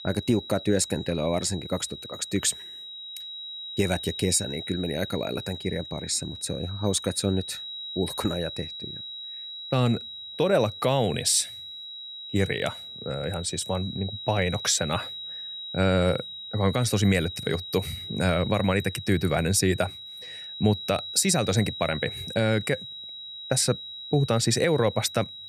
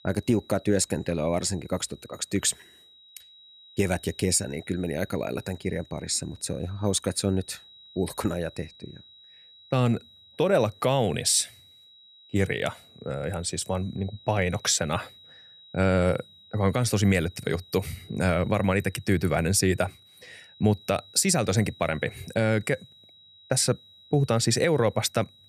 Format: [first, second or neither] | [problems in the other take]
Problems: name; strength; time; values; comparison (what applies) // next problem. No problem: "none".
second | high-pitched whine; loud; throughout; 4 kHz, 10 dB below the speech; faint in the second